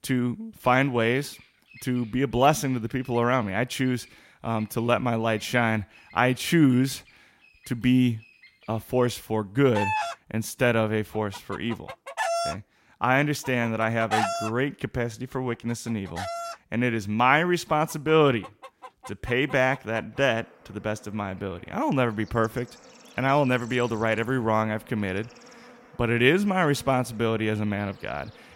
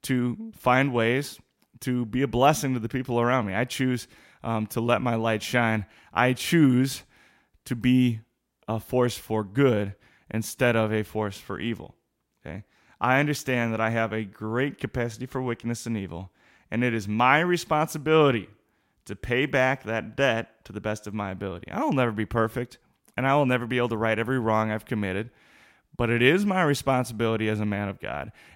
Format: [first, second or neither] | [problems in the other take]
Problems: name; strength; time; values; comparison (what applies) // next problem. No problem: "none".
second | animal sounds; loud; throughout; 10 dB below the speech